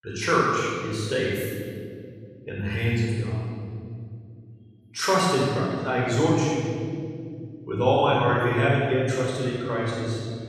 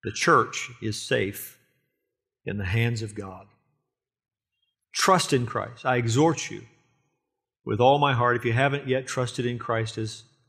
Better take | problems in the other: second | room echo; strong; dies away in 2.4 s // off-mic speech; far

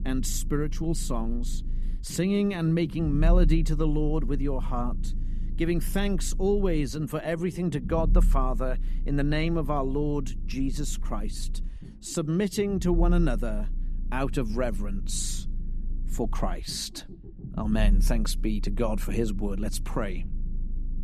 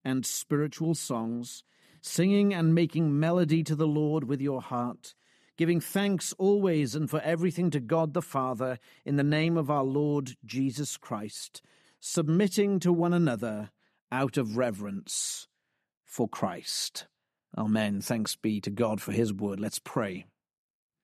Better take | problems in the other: second | low rumble; noticeable; throughout; 20 dB below the speech

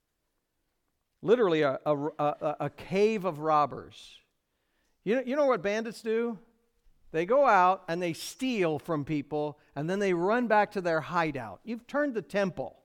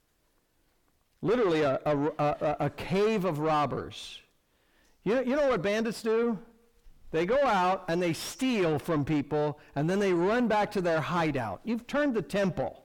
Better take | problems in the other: first | distortion; heavy; 6 dB below the speech

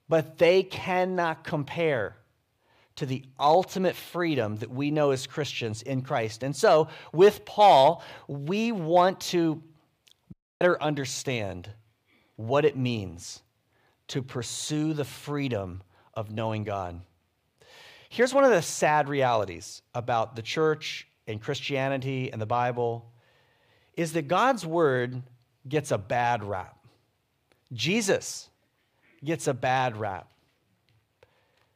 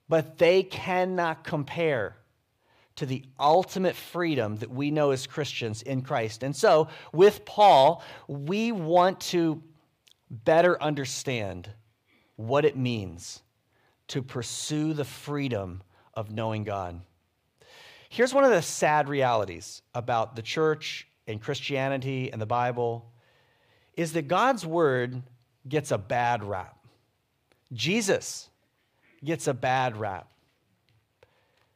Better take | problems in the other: second | audio cutting out; at 10 s

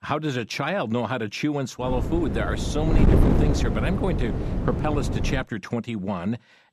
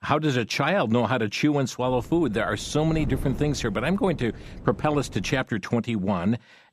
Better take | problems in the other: second | wind noise on the microphone; heavy; from 2 to 5.5 s; 3 dB below the speech; occasional gusts in the second

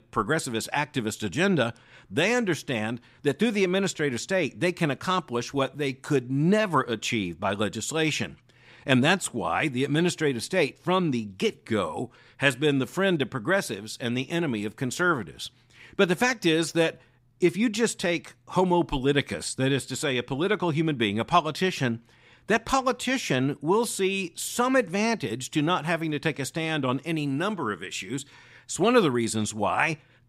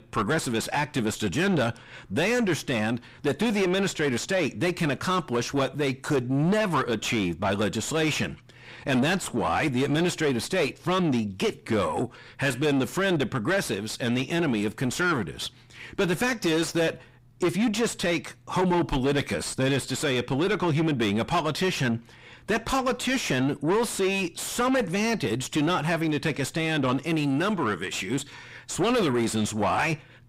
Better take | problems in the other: first | distortion; heavy; 6 dB below the speech

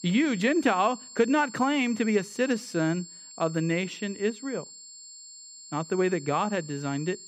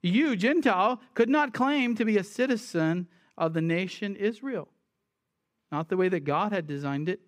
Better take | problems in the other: second | high-pitched whine; noticeable; throughout; 7.5 kHz, 15 dB below the speech

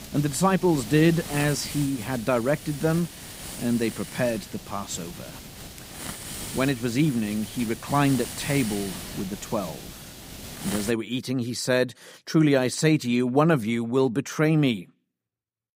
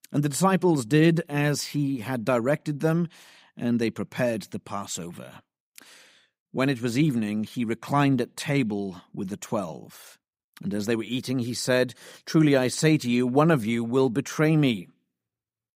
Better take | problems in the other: second | hiss; noticeable; until 11 s; 10 dB below the speech

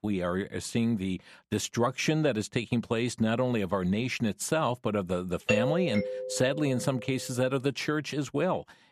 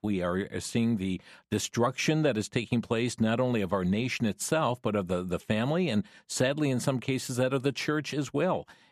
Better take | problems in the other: second | doorbell; loud; from 5.5 to 7 s; peak 1 dB above the speech

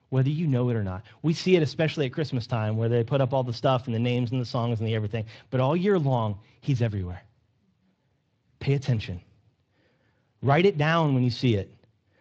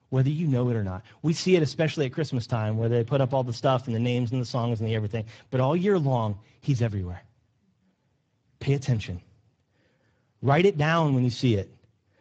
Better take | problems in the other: first | garbled, watery; badly; nothing above 7.5 kHz; slightly in the first

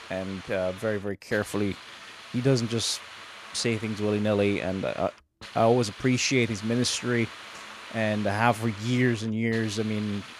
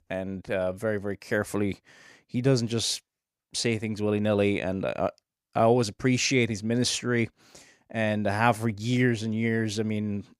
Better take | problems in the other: second | hiss; noticeable; throughout; 15 dB below the speech

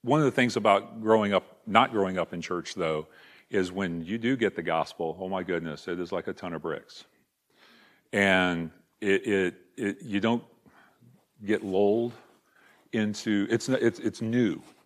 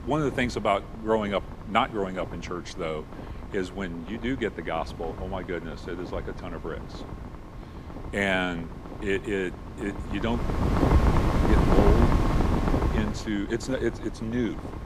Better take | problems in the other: first | wind noise on the microphone; heavy; 3 dB below the speech

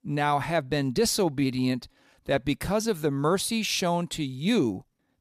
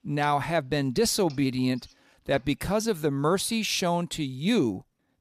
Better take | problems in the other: first | household noises; faint; throughout; 30 dB below the speech

